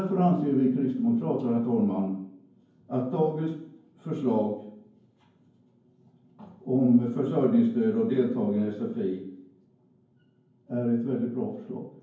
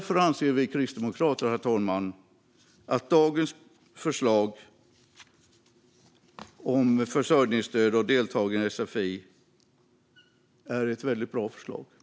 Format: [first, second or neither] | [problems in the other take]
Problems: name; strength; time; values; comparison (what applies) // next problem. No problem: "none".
second | room echo; dies away in 0.9 s